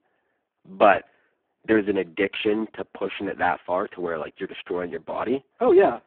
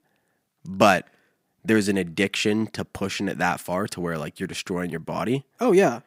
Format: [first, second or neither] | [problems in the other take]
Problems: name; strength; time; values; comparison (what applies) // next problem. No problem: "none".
second | phone-call audio; poor line